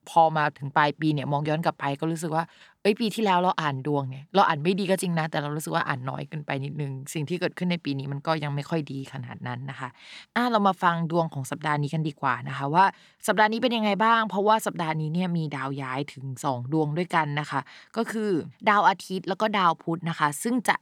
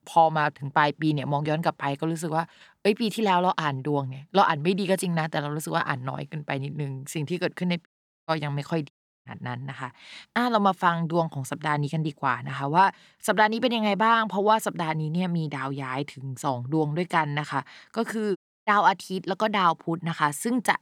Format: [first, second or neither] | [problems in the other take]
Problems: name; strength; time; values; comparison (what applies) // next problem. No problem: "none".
first | audio cutting out; at 8 s, at 9 s and at 18 s